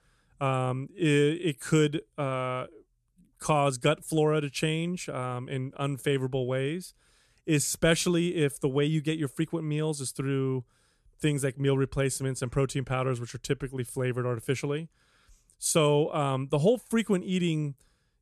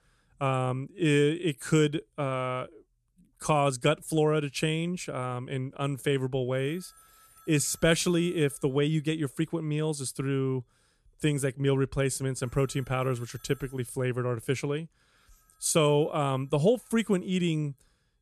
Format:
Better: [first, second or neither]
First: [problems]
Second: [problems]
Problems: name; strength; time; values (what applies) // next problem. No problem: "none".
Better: first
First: none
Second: alarms or sirens; faint; from 6 s on; 30 dB below the speech